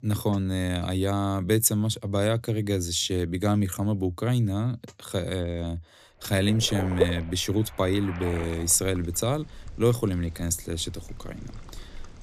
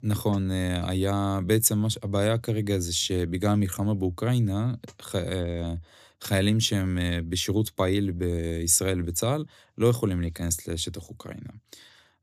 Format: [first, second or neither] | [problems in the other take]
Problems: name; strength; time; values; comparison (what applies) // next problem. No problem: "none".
second | rain or running water; loud; from 6.5 s on; 10 dB below the speech